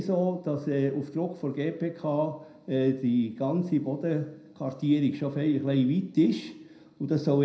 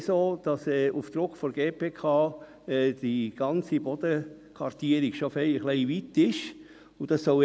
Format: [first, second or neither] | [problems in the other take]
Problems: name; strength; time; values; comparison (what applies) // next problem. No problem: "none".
second | room echo; dies away in 0.5 s